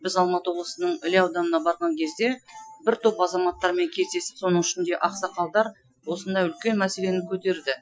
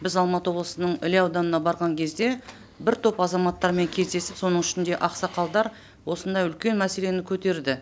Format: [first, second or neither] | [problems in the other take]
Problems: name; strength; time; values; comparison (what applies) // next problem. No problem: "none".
second | noise reduction (classical method Wiener filter)